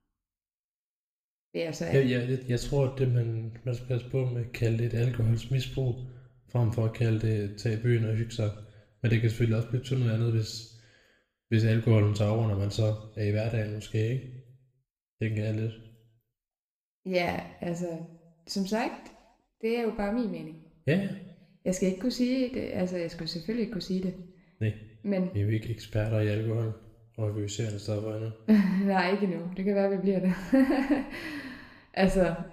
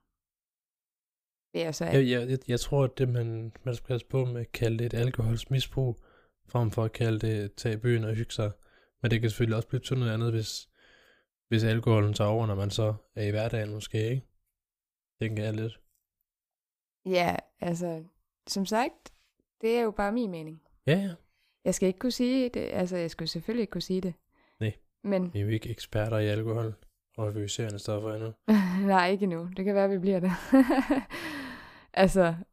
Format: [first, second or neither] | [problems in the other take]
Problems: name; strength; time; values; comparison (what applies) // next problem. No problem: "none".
second | room echo; slight; dies away in 0.7 s